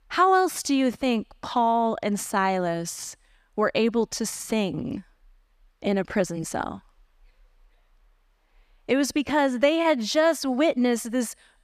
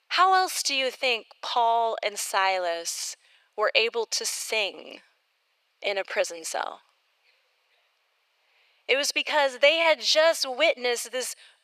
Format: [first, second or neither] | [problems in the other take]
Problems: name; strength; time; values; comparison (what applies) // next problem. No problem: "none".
first | thin; very; fading below 500 Hz